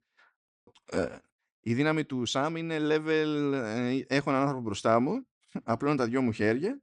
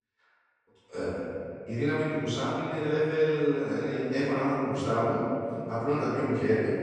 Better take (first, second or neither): first